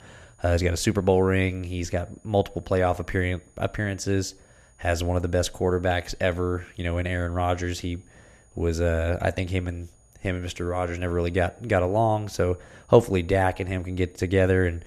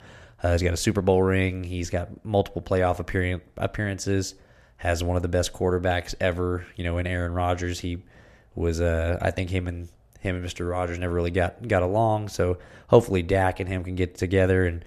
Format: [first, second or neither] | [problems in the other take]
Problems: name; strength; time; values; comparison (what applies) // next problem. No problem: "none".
second | high-pitched whine; faint; throughout; 6.5 kHz, 35 dB below the speech